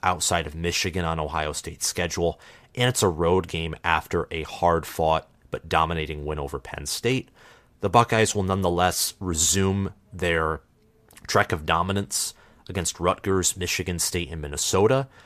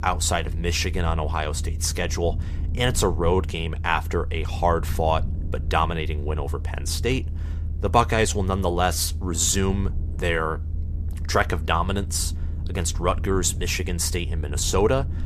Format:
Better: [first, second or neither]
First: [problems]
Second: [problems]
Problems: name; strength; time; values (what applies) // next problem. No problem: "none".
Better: first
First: none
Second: low rumble; faint; throughout; 20 dB below the speech